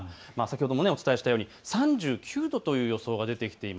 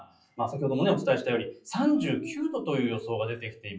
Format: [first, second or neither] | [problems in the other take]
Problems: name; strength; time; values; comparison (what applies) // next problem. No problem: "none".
first | noise reduction (classical method WPE with log-MMSE)